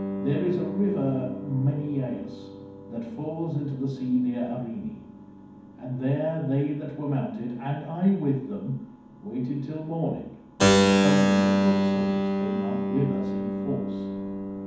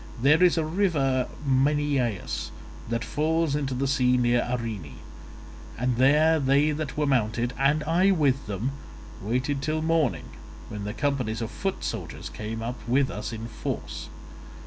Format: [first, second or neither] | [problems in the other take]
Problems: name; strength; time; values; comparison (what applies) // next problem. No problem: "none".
second | background sound (Keyboard (musical)); 1 dB above the speech // room echo; dies away in 1.2 s